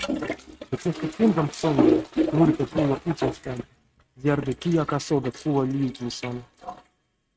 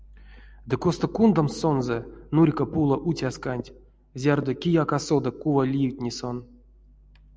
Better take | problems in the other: second | noise reduction (neural mask model RNNoise)

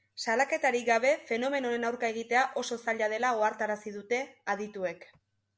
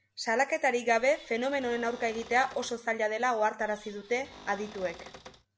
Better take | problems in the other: first | background sound (Cupboard open or close / Door); 20 dB below the speech

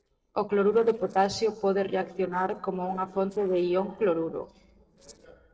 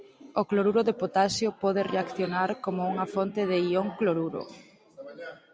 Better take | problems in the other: second | noise reduction (neural separator model SepFormer DNS4)

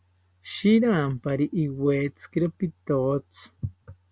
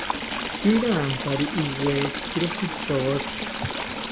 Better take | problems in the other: first | background sound (Stream / Trickle, dribble); 4 dB below the speech // room echo; dies away in 0.4 s

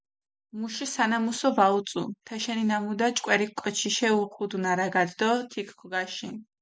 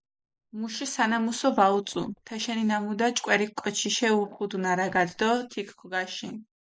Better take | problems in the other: first | noise reduction (neural mask model Resemble Enhance denoiser)

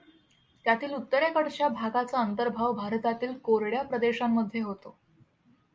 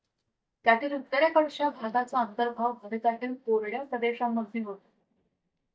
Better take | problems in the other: first | noise reduction (neural mask model DeepFilterNet 3)

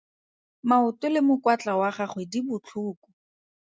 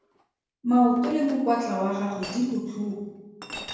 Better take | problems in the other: first | background sound (Chink, clink); 17 dB below the speech // room echo; dies away in 1 s

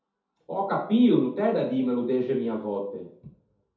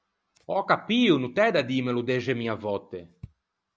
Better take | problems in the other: second | room echo; dies away in 0.5 s

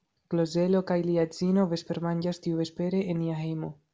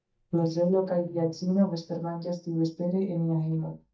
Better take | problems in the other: first | noise reduction (neural mask model DeepFilterNet 3)

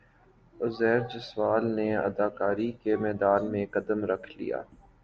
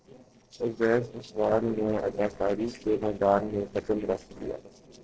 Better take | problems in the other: first | noise reduction (neural separator model SepFormer DNS4)

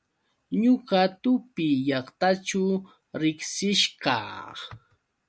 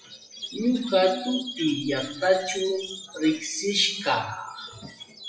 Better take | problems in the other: first | noise reduction (classical method WPE with log-MMSE)

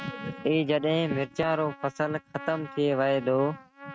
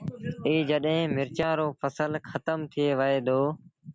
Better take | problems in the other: second | noise reduction (neural mask model RNNoise)

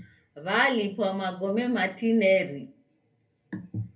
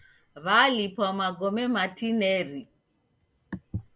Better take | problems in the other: second | room echo; dies away in 0.3 s

